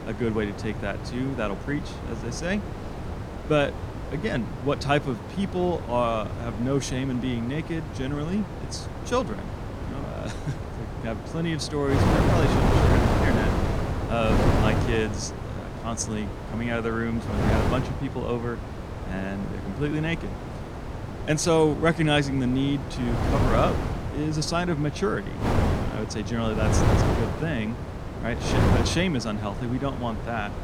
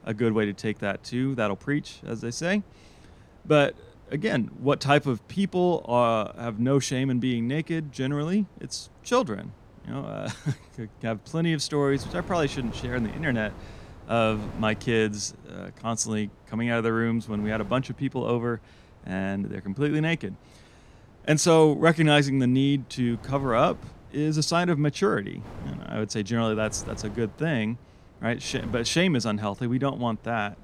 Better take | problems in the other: second | wind noise on the microphone; heavy; 3 dB below the speech; occasional gusts in the second

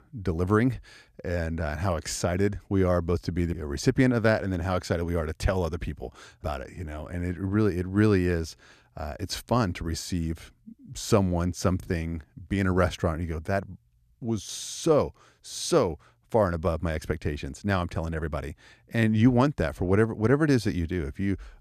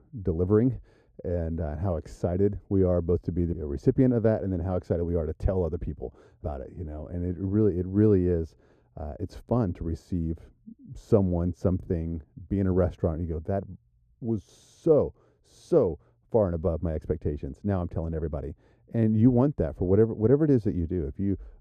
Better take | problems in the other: first | muffled; very; fading above 1 kHz

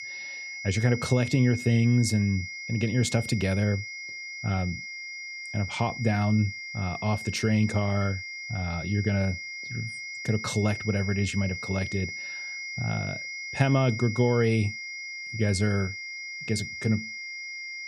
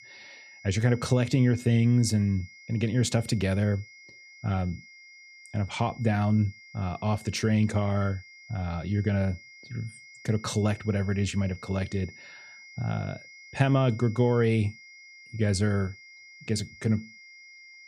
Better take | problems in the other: second | high-pitched whine; loud; throughout; 2 kHz, 8 dB below the speech; faint in the second

